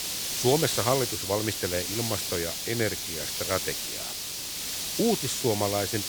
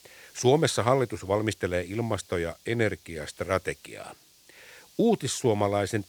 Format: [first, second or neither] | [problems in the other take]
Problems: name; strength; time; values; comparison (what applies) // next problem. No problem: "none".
second | hiss; loud; throughout; 1 dB below the speech; faint in the second